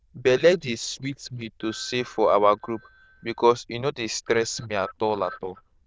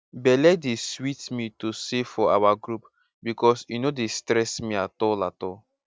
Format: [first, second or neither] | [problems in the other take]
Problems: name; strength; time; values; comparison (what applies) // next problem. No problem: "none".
second | noise reduction (neural diffusion model UNIVERSE++)